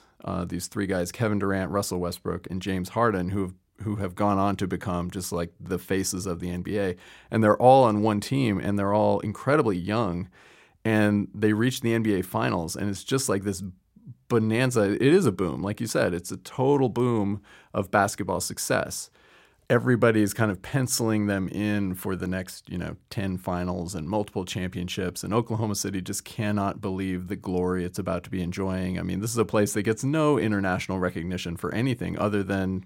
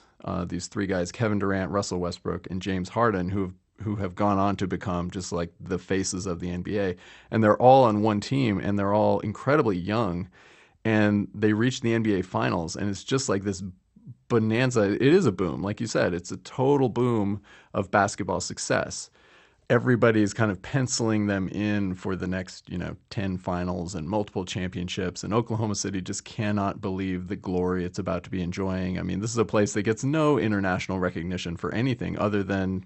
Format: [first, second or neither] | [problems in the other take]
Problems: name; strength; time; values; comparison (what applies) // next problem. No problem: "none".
first | garbled, watery; slightly; nothing above 8 kHz